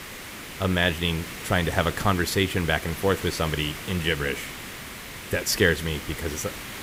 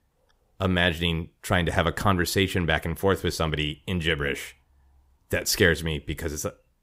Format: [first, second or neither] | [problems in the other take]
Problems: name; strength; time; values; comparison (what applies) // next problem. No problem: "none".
second | hiss; noticeable; throughout; 10 dB below the speech